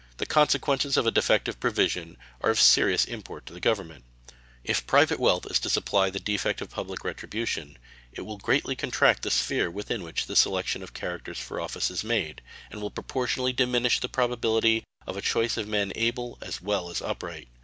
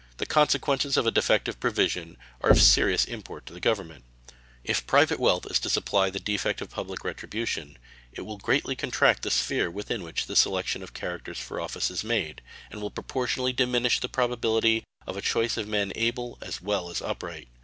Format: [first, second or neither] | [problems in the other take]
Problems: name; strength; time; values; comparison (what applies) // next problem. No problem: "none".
first | background sound (Knock / Wood); 3 dB below the speech